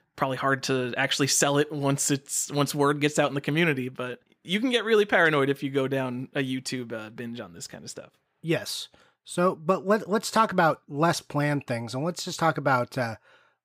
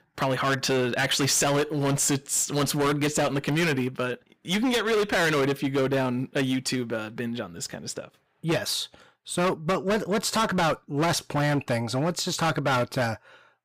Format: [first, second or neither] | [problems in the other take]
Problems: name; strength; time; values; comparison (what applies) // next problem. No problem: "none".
first | distortion; heavy; 18% of the sound clipped